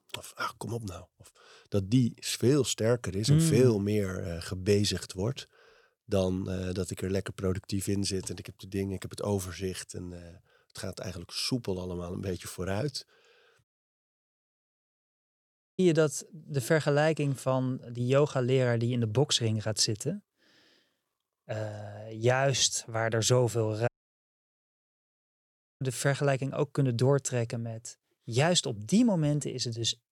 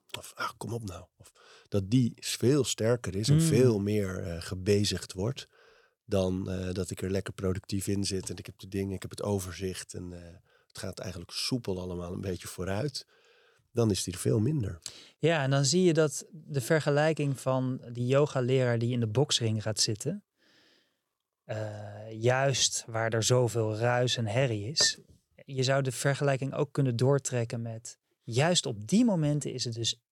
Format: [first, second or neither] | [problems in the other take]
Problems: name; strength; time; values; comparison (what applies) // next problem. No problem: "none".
second | audio cutting out; at 14 s for 2 s and at 24 s for 2 s